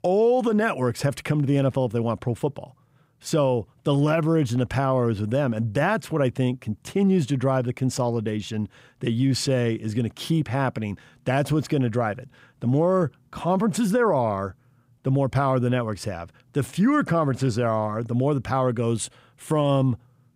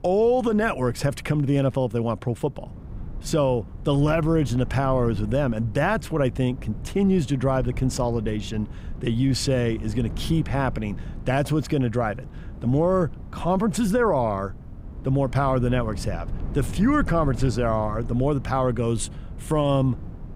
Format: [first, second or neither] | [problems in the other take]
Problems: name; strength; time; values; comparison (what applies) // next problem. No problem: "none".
first | low rumble; faint; throughout; 20 dB below the speech